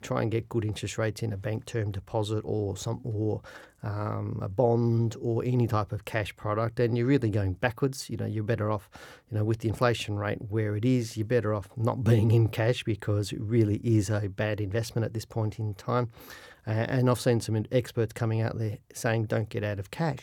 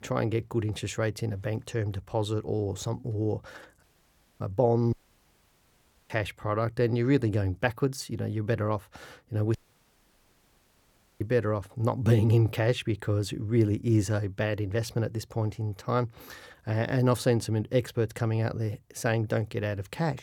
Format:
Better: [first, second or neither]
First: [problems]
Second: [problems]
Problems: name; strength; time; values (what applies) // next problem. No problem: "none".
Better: first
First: none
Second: audio cutting out; at 4 s for 0.5 s, at 5 s for 1 s and at 9.5 s for 1.5 s